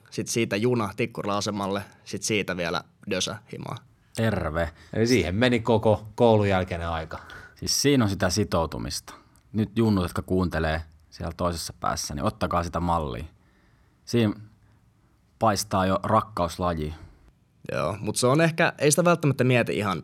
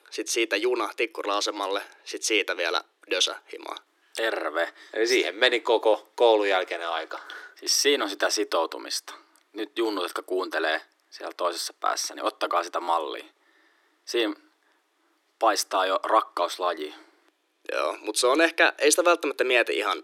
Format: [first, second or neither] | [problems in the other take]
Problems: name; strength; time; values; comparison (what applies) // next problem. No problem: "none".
first | thin; very; fading below 300 Hz